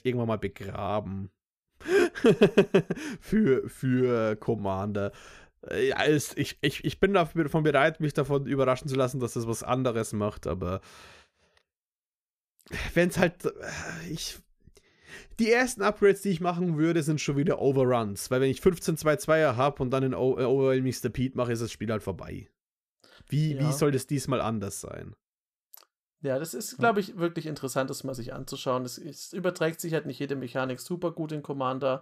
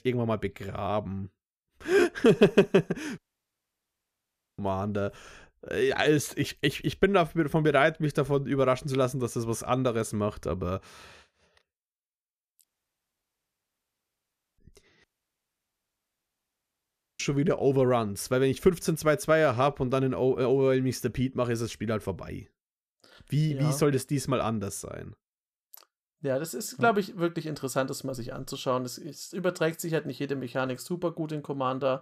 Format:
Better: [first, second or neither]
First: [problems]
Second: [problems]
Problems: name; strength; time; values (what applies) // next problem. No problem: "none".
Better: first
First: none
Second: audio cutting out; at 3 s for 1.5 s, at 13 s for 2 s and at 15 s for 2 s